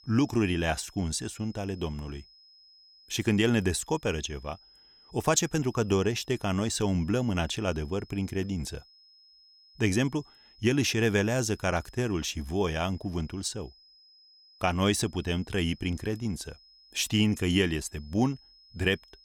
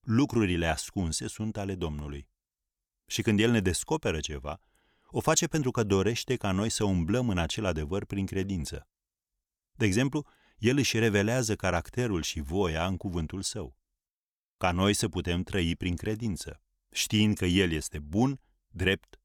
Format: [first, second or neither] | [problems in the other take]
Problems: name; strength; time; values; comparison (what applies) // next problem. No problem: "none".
second | high-pitched whine; faint; throughout; 5 kHz, 25 dB below the speech